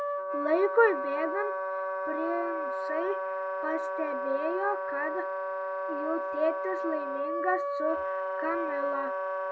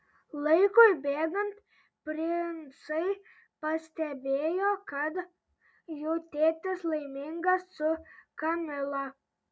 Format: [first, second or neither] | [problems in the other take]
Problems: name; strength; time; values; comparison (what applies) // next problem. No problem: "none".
second | background sound (Wind instrument, woodwind instrument); as loud as the speech